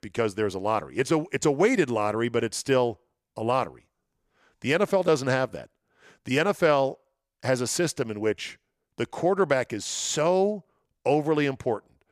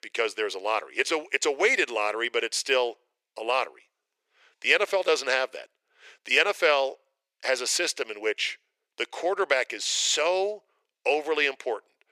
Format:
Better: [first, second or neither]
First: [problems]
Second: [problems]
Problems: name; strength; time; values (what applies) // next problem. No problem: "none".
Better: first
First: none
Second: thin; very; fading below 400 Hz